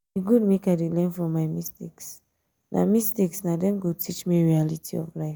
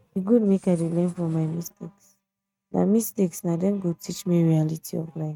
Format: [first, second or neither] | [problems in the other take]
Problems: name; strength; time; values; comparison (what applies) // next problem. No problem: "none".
first | noise reduction (neural mask model RNNoise)